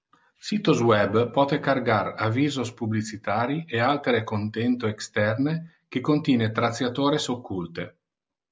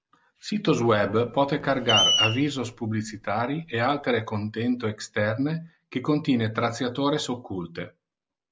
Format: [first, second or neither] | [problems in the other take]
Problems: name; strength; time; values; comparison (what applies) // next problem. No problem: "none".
first | background sound (Screech); 3 dB below the speech